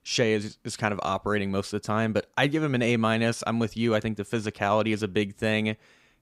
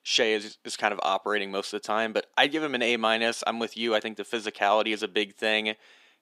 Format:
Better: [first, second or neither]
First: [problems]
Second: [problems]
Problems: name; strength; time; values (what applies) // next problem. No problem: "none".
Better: first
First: none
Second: thin; somewhat; fading below 300 Hz